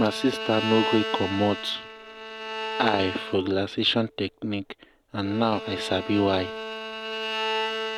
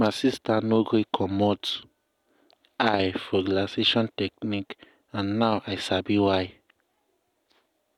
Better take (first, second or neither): second